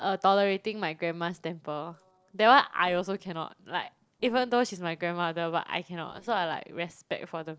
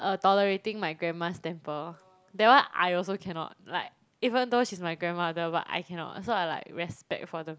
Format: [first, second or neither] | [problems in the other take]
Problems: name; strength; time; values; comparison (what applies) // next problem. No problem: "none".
second | noise reduction (neural separator model SepFormer DNS4)